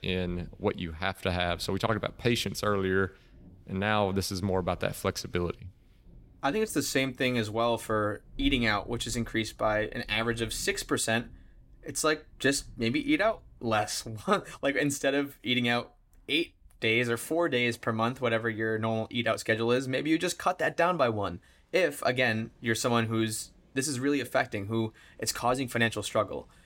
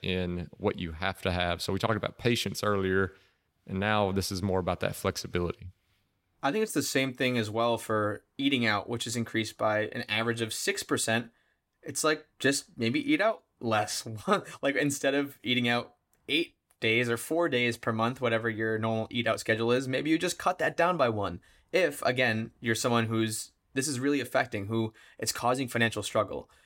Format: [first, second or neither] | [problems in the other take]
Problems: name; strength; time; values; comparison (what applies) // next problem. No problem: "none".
second | rain or running water; faint; throughout; 25 dB below the speech